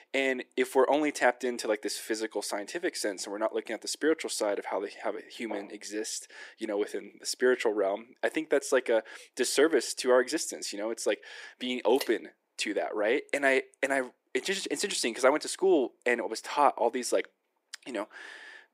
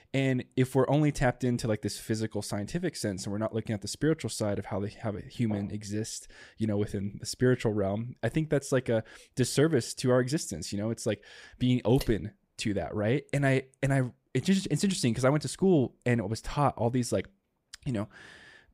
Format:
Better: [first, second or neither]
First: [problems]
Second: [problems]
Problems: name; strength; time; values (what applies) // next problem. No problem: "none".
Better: second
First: thin; somewhat; fading below 300 Hz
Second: none